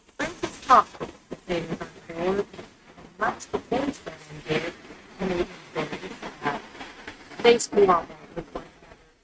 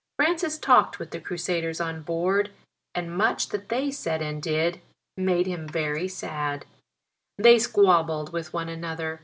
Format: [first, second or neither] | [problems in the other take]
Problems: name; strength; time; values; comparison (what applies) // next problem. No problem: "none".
second | noise reduction (neural mask model RNNoise)